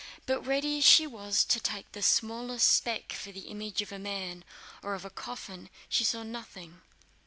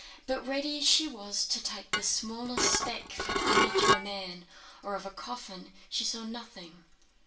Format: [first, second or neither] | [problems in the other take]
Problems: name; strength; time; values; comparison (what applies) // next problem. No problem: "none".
first | background sound (Dishes, pots, and pans / Glass); 5 dB above the speech // room echo; dies away in 0.3 s